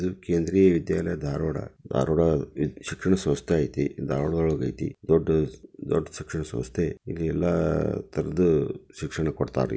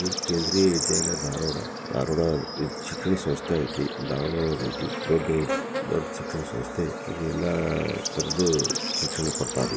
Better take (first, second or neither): first